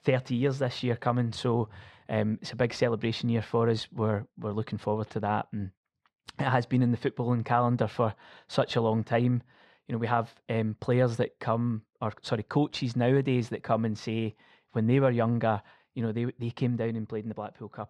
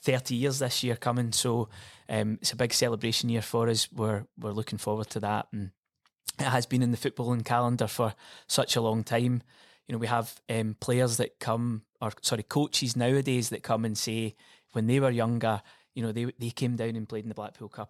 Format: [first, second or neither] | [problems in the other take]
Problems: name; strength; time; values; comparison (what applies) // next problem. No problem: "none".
second | muffled; slightly; fading above 2.5 kHz